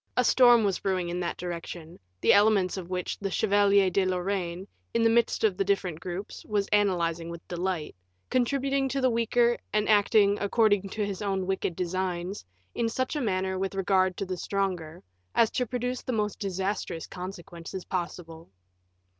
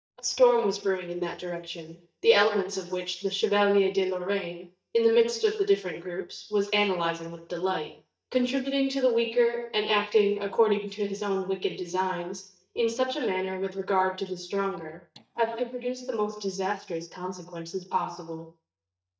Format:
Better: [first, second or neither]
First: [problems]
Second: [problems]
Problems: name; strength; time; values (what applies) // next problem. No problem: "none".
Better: first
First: none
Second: noise reduction (neural mask model DeepFilterNet 3)